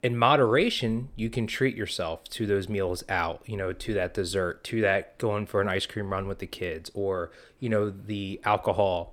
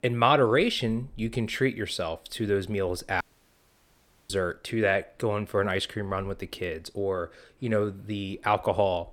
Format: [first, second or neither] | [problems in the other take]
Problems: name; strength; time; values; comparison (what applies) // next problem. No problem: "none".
first | audio cutting out; at 3 s for 1 s